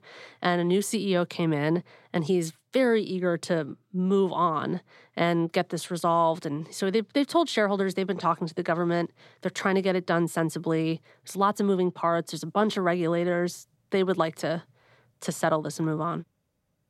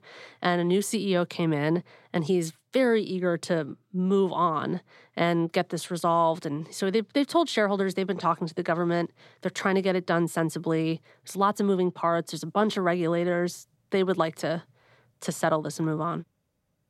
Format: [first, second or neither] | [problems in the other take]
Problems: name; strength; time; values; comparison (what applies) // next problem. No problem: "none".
neither | none